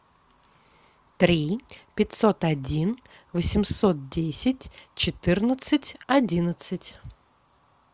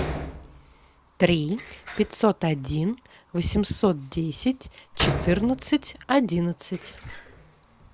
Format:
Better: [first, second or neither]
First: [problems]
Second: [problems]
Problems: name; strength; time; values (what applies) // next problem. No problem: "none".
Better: first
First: none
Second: background sound (Door); 10 dB below the speech